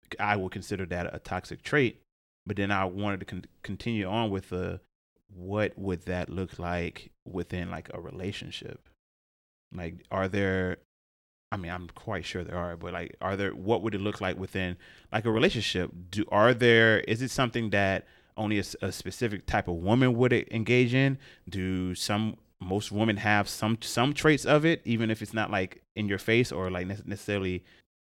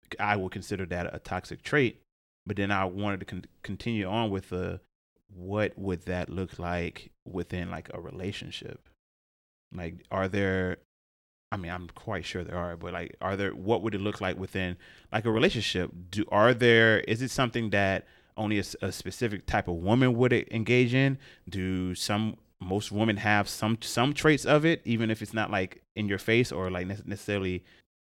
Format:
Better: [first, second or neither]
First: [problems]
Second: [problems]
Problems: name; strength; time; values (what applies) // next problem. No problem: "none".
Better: neither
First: none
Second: none